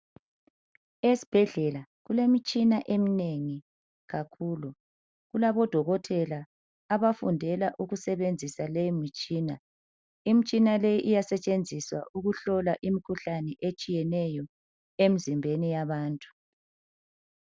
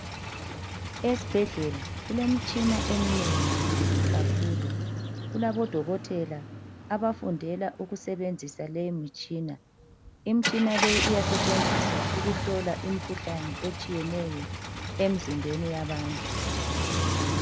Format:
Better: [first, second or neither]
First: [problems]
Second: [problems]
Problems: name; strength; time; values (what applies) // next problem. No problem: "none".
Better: first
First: none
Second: background sound (Car); as loud as the speech